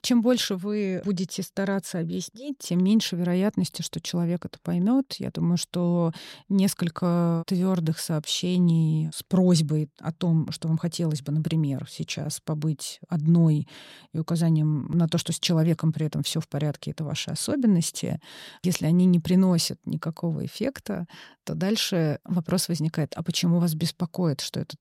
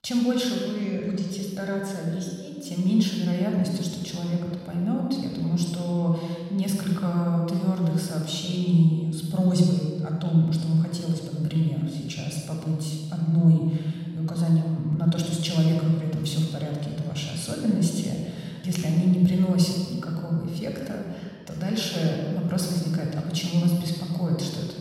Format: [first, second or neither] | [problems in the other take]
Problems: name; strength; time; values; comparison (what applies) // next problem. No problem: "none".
first | off-mic speech; somewhat distant // room echo; noticeable; dies away in 1.6 s